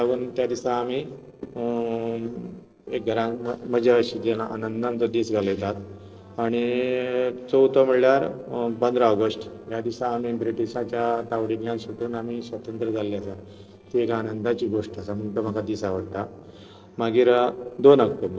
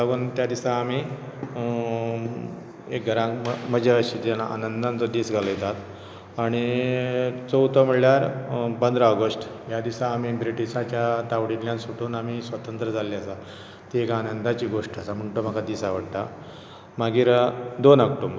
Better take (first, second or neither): second